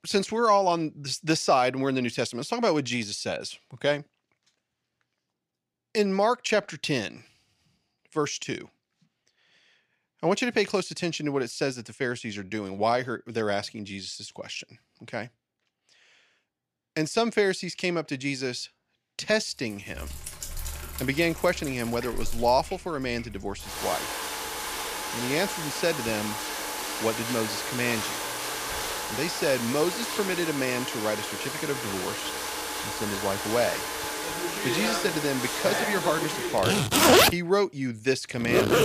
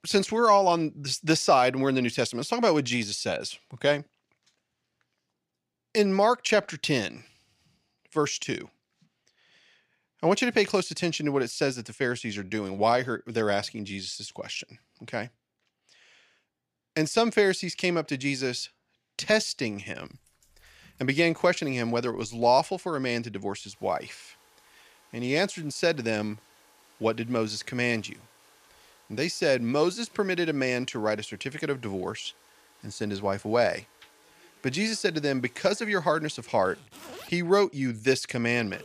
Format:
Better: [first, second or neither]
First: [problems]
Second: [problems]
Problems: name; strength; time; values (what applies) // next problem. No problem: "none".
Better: second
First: household noises; loud; from 20 s on; as loud as the speech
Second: household noises; faint; from 20 s on; 30 dB below the speech